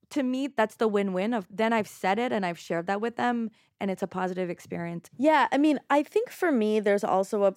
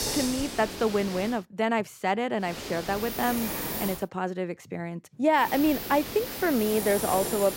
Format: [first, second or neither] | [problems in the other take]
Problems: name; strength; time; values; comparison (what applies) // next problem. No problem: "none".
first | hiss; loud; until 1.5 s, from 2.5 to 4 s and from 5.5 s on; 6 dB below the speech